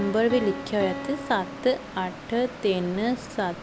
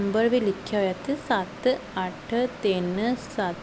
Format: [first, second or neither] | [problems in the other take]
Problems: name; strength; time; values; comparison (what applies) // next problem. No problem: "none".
second | background sound (Piano); 13 dB below the speech